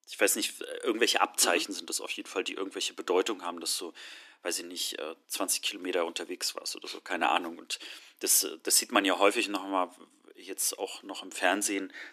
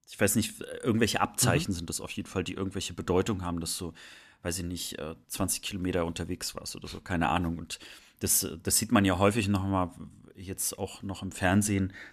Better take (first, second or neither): second